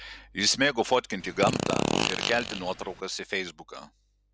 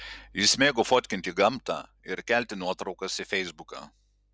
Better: second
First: background sound (Fart); as loud as the speech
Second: none

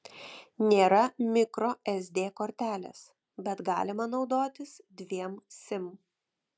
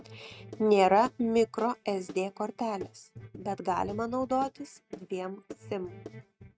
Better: first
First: none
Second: noise reduction (neural mask model RNNoise)

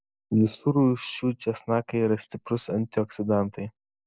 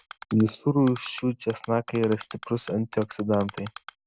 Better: first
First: none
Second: background sound (Typing); 19 dB below the speech

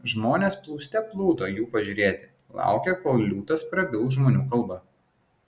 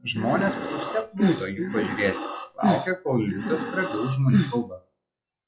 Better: first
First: none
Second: noise reduction (classical method log-MMSE)

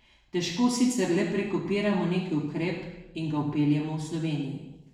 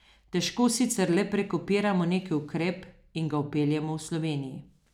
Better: second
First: room echo; dies away in 0.9 s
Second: none

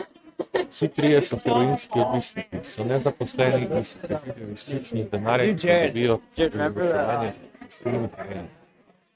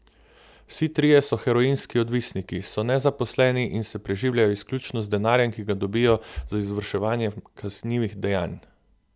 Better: second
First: noise reduction (neural mask model RNNoise)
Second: none

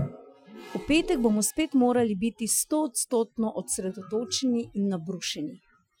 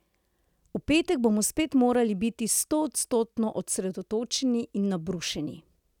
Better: second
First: noise reduction (classical method Wiener filter)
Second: none

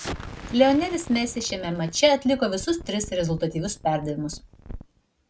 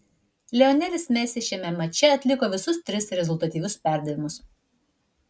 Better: second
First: background sound (Explosion); 15 dB below the speech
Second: none

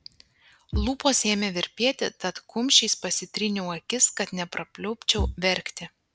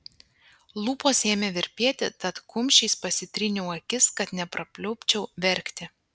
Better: second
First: background sound (Bass drum / Thump, thud); 11 dB below the speech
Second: none

